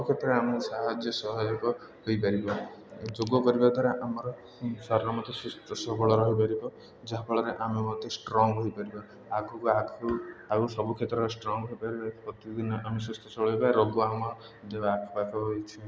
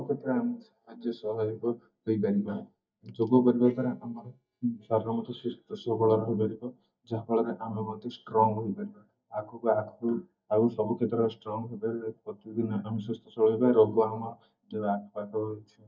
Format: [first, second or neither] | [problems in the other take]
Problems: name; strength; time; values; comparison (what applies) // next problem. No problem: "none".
first | noise reduction (neural mask model DeepFilterNet 3)